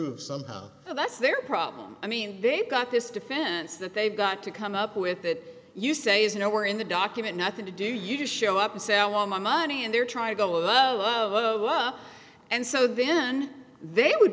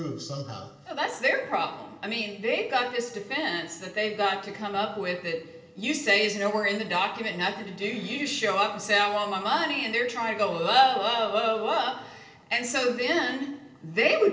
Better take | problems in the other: first | room echo; dies away in 0.7 s

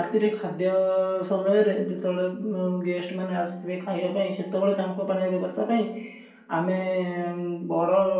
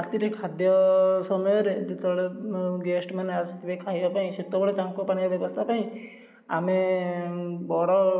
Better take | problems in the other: second | room echo; dies away in 0.3 s

